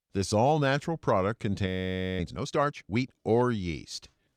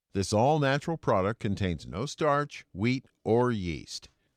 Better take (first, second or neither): second